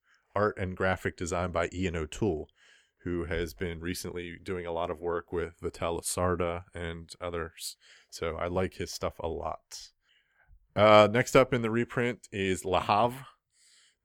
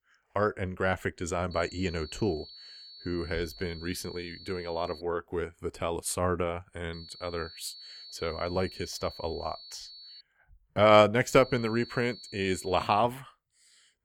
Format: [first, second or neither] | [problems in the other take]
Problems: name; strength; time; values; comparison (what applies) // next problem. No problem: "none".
first | high-pitched whine; noticeable; from 1.5 to 5 s, from 7 to 10 s and from 11 to 13 s; 4.5 kHz, 15 dB below the speech